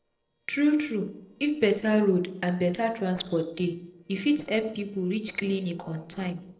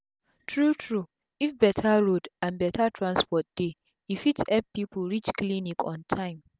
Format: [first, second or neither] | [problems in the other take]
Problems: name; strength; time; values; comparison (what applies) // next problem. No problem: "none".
second | noise reduction (neural separator model SepFormer DNS4)